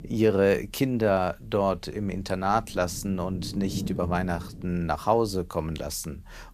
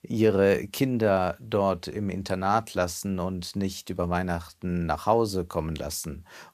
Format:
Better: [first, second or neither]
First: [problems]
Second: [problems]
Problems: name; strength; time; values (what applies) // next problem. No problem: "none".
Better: second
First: low rumble; noticeable; throughout; 20 dB below the speech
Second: none